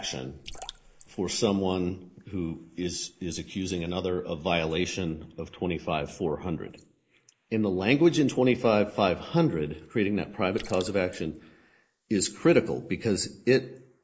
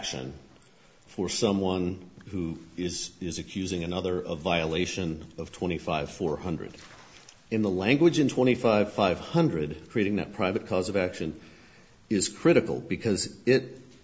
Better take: second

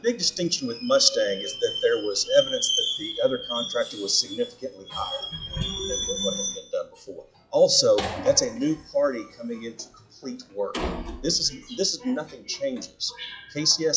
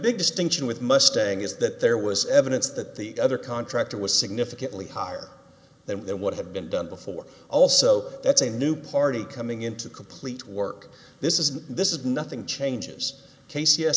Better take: second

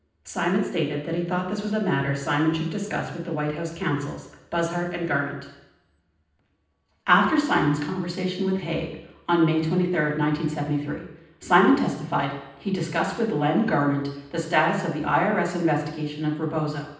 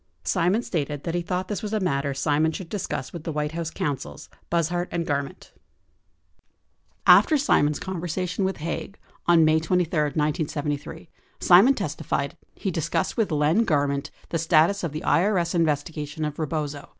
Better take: second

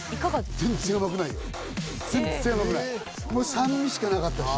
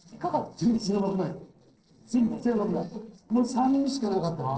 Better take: first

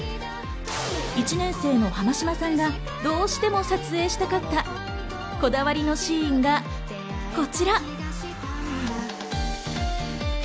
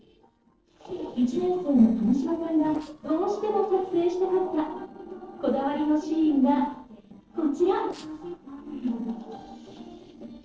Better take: first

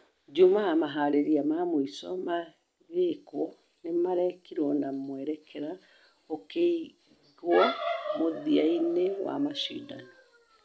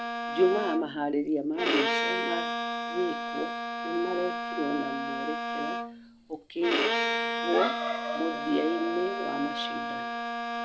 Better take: first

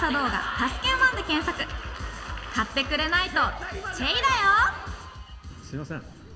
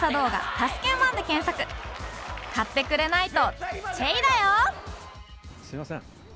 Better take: second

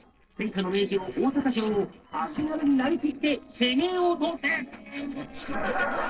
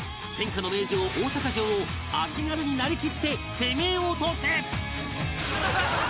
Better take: second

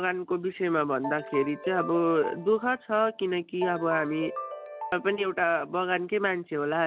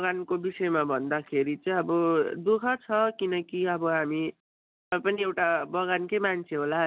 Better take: second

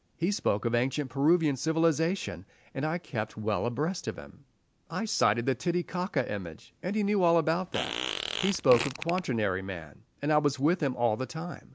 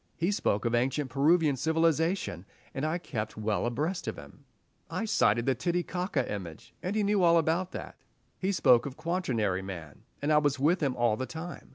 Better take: second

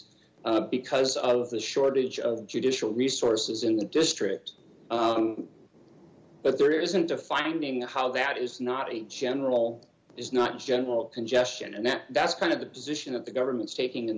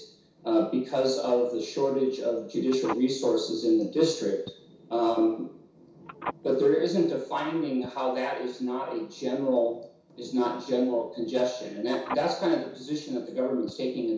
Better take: first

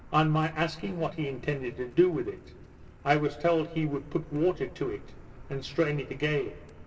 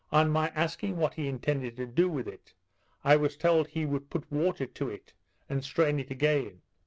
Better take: second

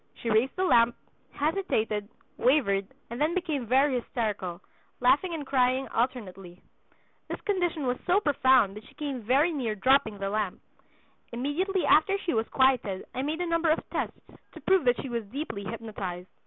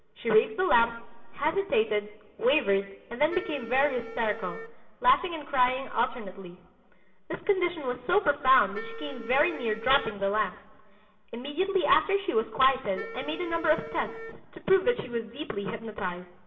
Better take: first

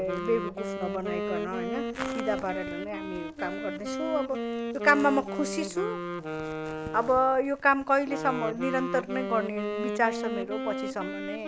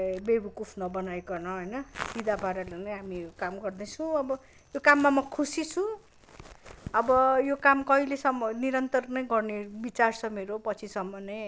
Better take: second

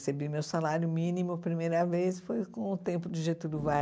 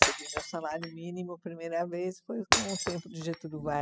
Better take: first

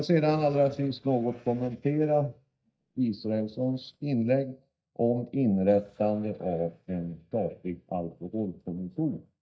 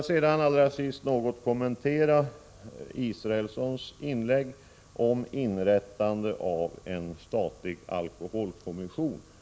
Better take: second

